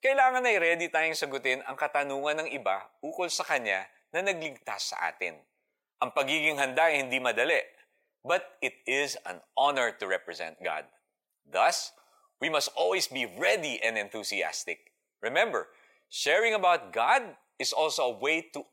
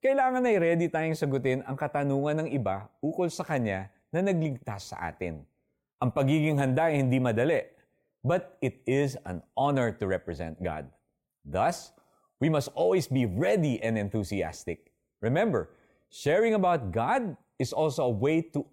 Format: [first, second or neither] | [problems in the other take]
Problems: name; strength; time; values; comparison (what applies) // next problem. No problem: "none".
second | thin; very; fading below 750 Hz